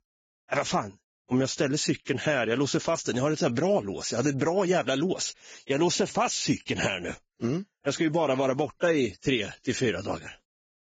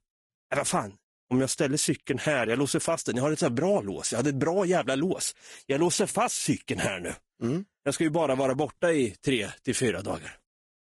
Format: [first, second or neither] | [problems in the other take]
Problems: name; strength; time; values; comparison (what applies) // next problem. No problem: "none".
second | garbled, watery; badly; nothing above 7.5 kHz; slightly in the second